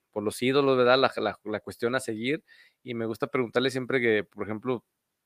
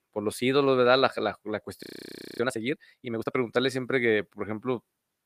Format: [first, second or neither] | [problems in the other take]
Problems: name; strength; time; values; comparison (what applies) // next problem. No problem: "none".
first | audio freezing; at 2 s for 0.5 s